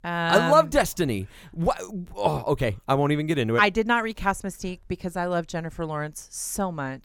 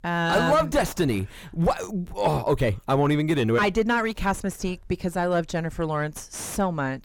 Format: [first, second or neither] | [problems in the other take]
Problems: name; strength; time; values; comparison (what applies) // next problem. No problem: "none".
first | distortion; heavy; 7 dB below the speech